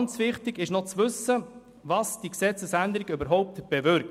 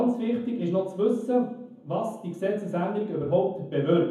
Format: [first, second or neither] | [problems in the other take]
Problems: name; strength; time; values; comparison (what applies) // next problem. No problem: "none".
first | room echo; dies away in 0.7 s